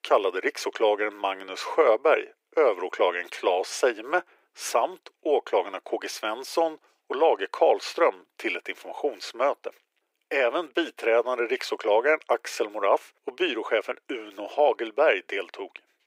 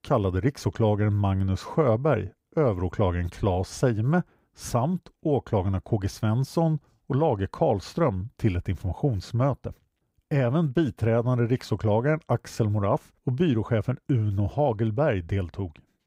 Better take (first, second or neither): second